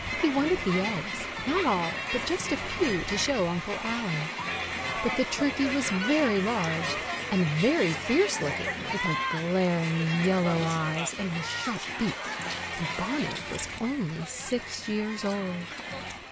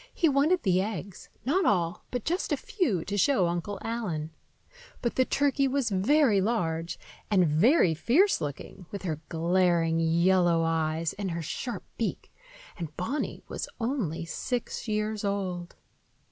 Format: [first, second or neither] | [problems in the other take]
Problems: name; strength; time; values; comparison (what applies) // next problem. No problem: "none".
second | background sound (Crowd); 4 dB below the speech